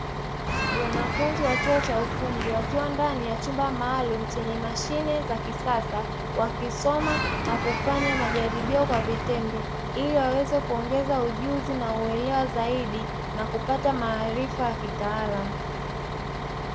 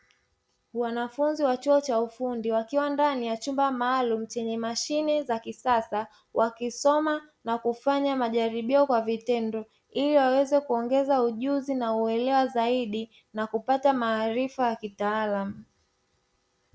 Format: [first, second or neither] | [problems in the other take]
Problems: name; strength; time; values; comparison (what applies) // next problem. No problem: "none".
second | background sound (Bus + Human group actions); 1 dB below the speech